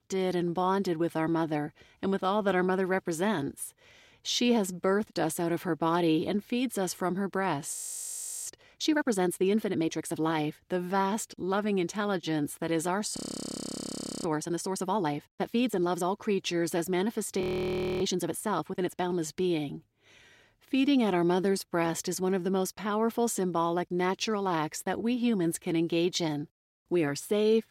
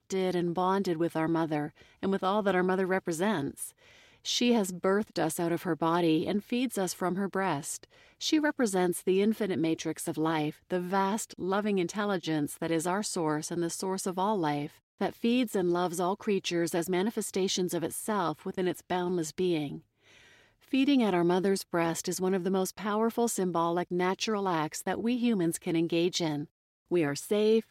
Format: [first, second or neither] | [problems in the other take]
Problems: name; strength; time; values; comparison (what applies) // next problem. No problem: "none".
second | audio freezing; at 7.5 s for 0.5 s, at 13 s for 1 s and at 17 s for 0.5 s